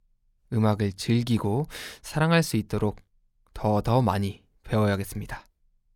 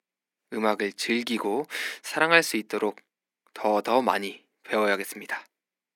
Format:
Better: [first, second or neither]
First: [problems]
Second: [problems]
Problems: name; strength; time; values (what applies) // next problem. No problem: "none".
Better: first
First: none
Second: thin; somewhat; fading below 250 Hz